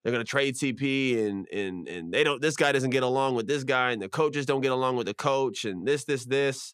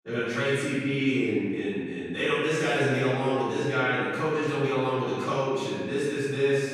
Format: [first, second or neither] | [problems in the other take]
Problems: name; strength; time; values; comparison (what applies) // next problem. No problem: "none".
first | room echo; strong; dies away in 1.7 s // off-mic speech; far